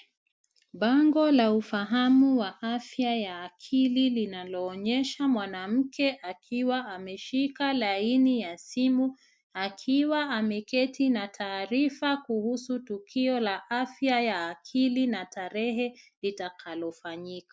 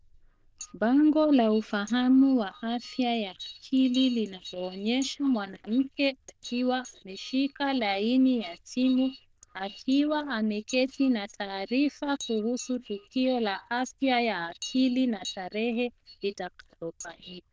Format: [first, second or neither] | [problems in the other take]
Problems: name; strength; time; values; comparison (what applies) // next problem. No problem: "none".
first | noise reduction (neural diffusion model UNIVERSE++)